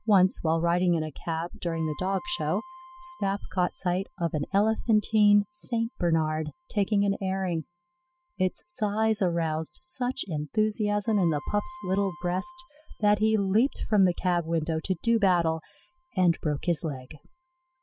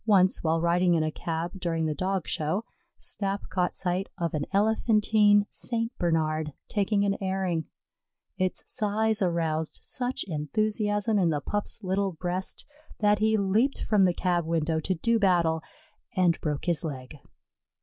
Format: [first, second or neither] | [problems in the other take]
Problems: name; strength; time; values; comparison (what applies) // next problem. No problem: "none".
second | noise reduction (classical method spectral subtraction)